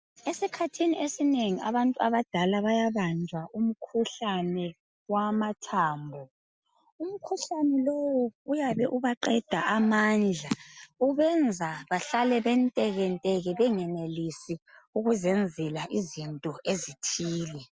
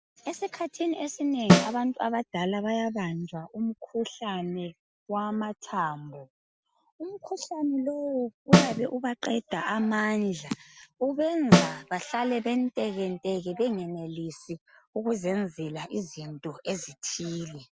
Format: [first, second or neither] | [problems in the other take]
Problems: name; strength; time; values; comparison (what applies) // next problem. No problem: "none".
first | background sound (Snare drum); 3 dB above the speech